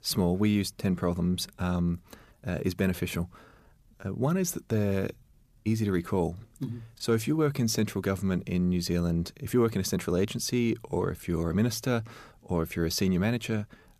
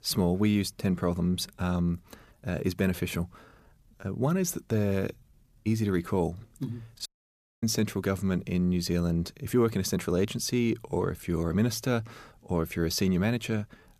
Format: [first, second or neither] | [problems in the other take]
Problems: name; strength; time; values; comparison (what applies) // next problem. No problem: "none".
first | audio cutting out; at 7 s for 0.5 s